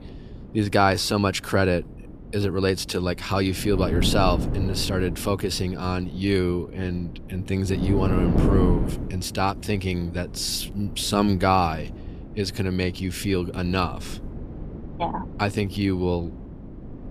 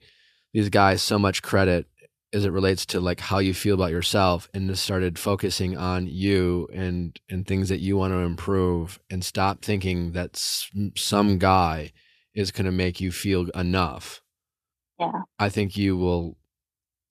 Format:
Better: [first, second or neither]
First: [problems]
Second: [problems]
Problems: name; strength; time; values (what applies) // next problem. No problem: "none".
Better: second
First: wind noise on the microphone; occasional gusts; 10 dB below the speech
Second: none